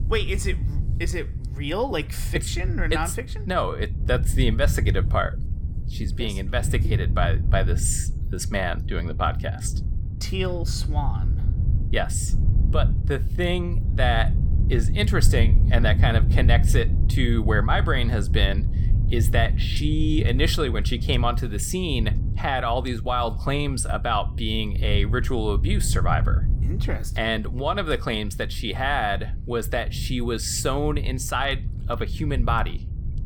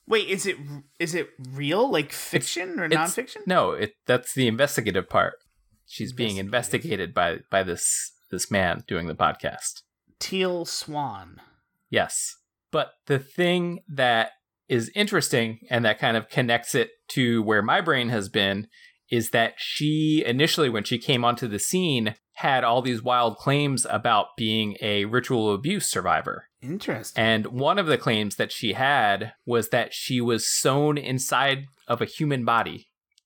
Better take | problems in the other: second | wind noise on the microphone; occasional gusts; 15 dB below the speech

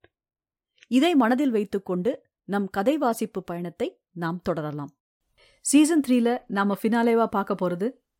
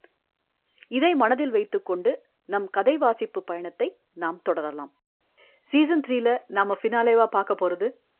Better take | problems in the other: first | phone-call audio

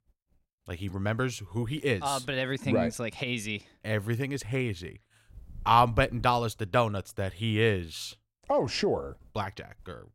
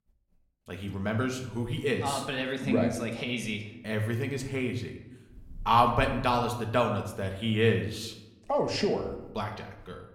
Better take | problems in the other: first | room echo; slight; dies away in 0.7 s

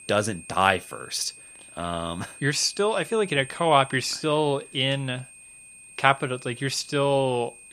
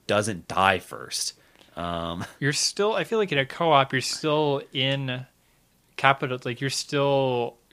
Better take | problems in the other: second | high-pitched whine; noticeable; throughout; 8.5 kHz, 20 dB below the speech

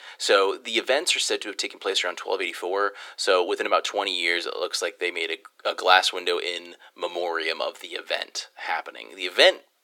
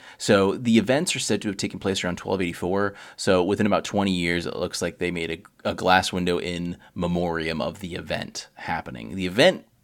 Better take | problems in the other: second | thin; very; fading below 350 Hz

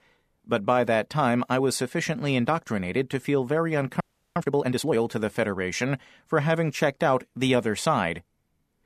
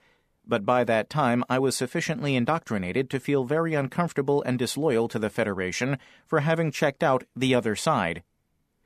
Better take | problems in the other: second | audio freezing; at 4 s

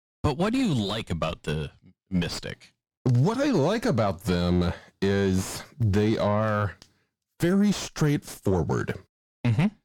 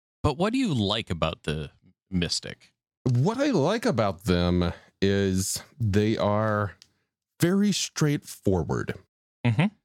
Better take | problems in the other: second | distortion; slight; 8 dB below the speech

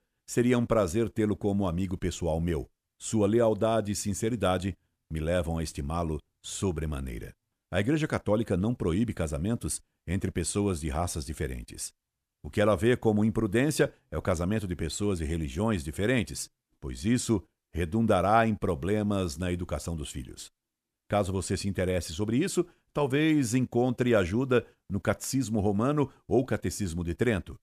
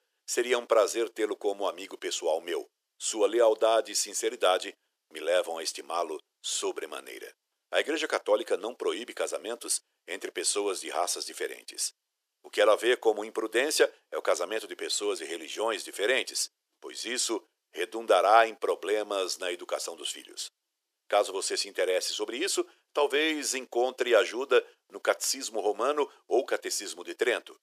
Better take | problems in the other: first | thin; very; fading below 400 Hz

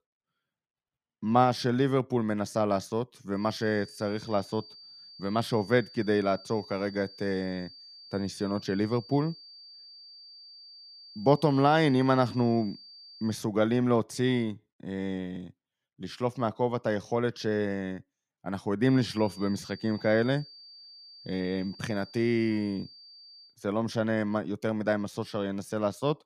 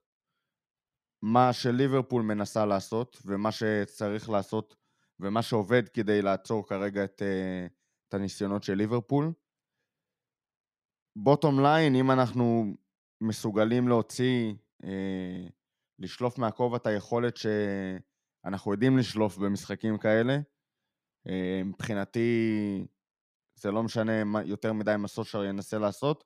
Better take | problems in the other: second | high-pitched whine; noticeable; from 3.5 to 13 s and from 19 to 23 s; 4.5 kHz, 20 dB below the speech

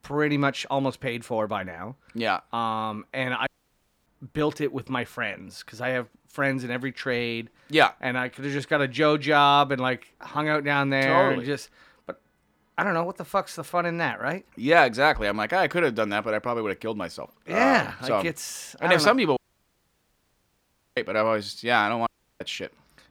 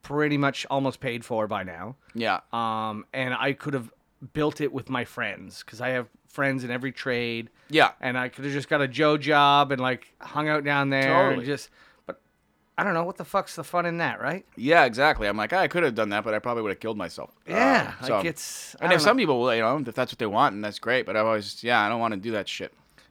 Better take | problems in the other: second | audio cutting out; at 3.5 s for 0.5 s, at 19 s for 1.5 s and at 22 s

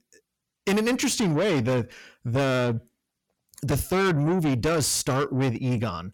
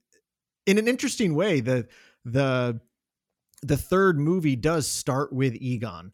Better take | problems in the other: second | distortion; heavy; 7 dB below the speech

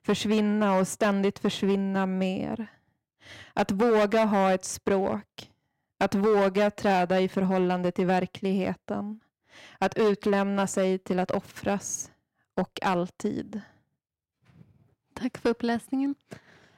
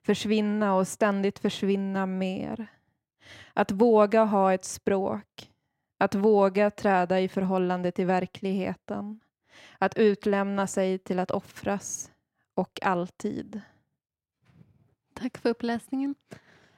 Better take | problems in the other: second | distortion; slight; 6% of the sound clipped

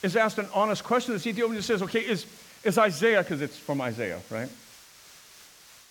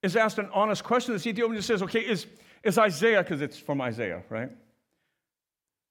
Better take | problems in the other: second | hiss; faint; throughout; 20 dB below the speech

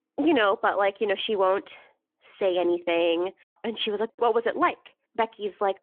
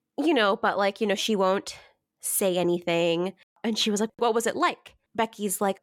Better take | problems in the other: second | phone-call audio; nothing above 3.5 kHz

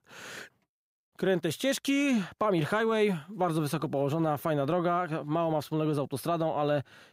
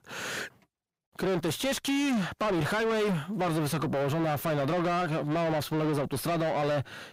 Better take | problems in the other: first | distortion; heavy; 6 dB below the speech

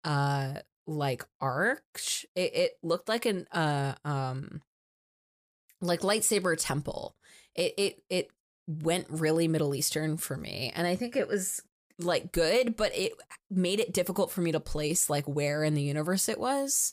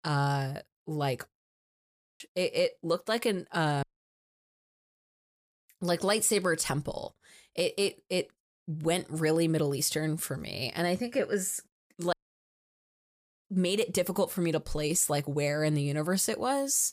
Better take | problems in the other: first | audio cutting out; at 1.5 s for 1 s, at 4 s for 1 s and at 12 s for 1.5 s

